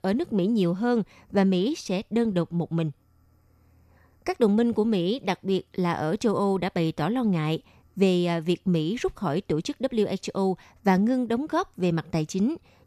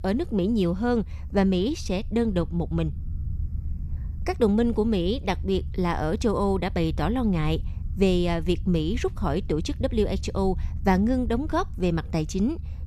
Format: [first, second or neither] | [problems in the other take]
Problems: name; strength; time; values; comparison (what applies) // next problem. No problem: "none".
first | low rumble; faint; throughout; 25 dB below the speech